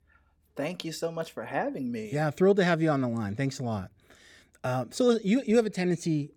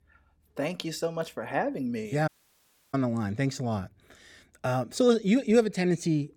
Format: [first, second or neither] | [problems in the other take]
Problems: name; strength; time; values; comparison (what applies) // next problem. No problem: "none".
first | audio cutting out; at 2.5 s for 0.5 s